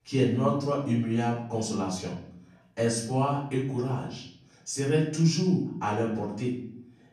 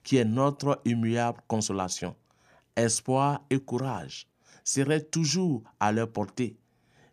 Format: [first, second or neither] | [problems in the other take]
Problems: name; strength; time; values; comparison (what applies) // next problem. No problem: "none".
second | off-mic speech; far // room echo; noticeable; dies away in 0.6 s